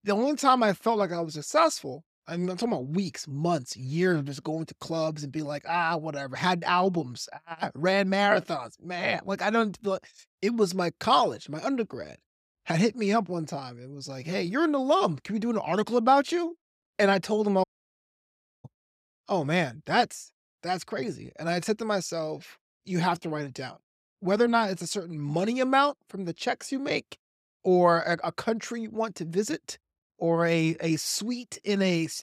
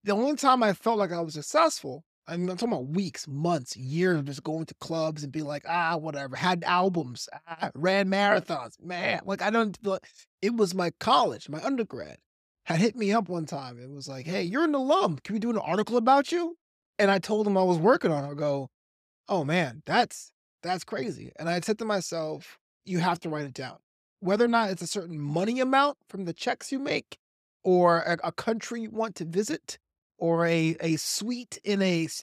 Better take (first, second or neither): second